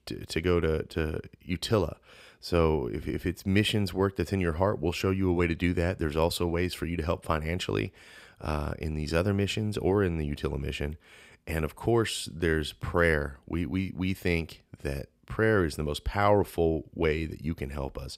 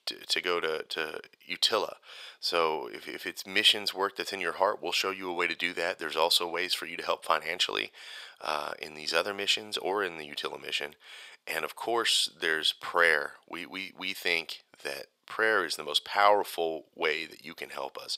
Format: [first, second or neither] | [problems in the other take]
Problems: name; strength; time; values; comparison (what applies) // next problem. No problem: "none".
first | thin; very; fading below 750 Hz